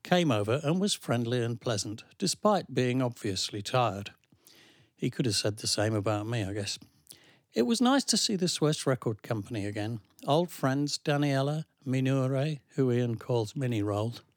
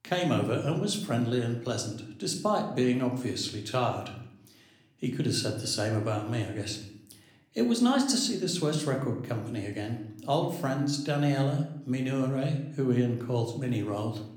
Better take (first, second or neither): first